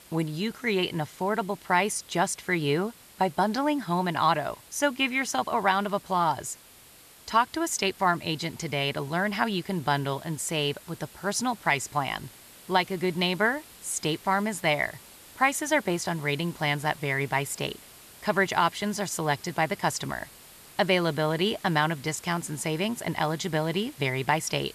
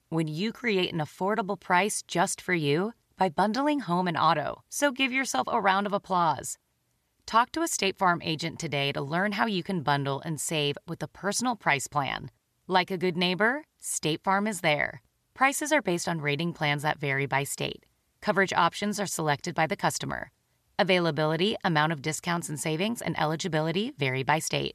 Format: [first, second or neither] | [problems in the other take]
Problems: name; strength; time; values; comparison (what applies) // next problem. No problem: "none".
second | hiss; faint; throughout; 20 dB below the speech